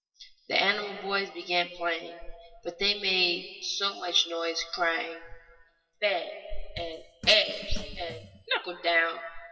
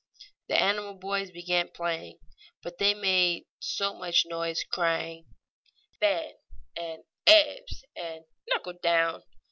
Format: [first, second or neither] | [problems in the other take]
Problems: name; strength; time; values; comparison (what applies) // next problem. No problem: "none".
second | noise reduction (classical method WPE with log-MMSE)